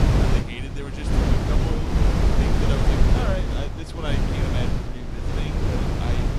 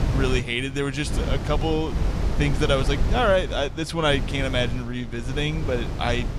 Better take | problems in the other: second | wind noise on the microphone; heavy; 5 dB above the speech; occasional gusts in the second

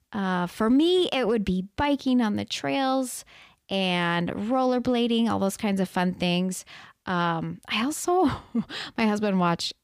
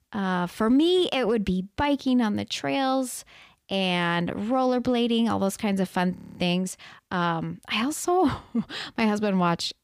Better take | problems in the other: first | audio freezing; at 6 s

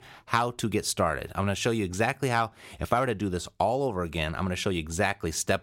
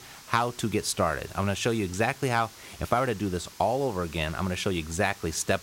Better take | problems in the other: first | hiss; noticeable; throughout; 20 dB below the speech

